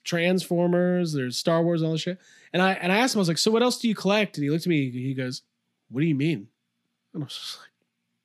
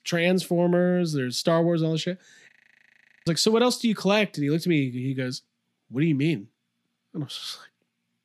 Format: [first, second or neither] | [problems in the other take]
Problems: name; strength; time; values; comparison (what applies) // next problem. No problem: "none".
first | audio freezing; at 2.5 s for 1 s